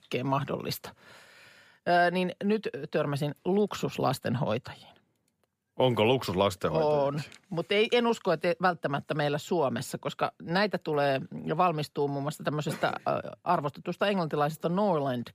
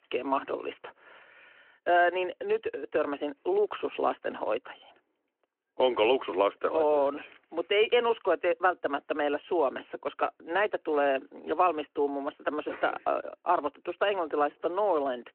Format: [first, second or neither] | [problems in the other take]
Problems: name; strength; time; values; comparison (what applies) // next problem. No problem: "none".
first | phone-call audio